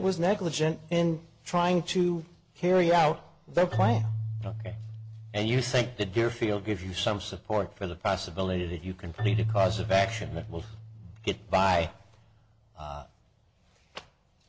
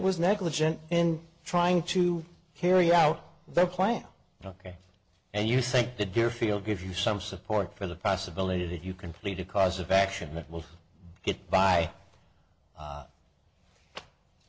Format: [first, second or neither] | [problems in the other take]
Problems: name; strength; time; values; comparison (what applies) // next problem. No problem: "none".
second | background sound (Keyboard (musical)); 8 dB below the speech